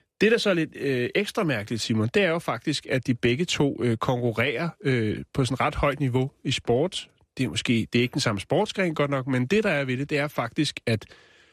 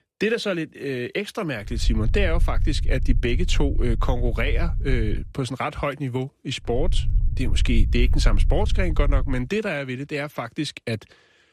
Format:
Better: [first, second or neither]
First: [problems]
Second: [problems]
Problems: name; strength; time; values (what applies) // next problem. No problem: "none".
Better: first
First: none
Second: low rumble; noticeable; from 2 to 5 s and from 7 to 9.5 s; 15 dB below the speech